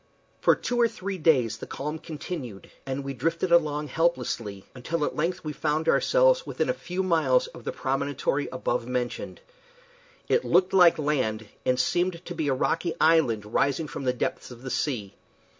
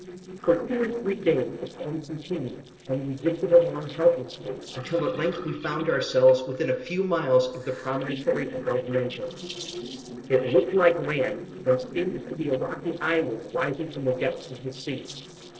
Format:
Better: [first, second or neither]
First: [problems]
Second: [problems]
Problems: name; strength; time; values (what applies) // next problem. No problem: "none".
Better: first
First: none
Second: noise reduction (neural separator model SepFormer DNS4)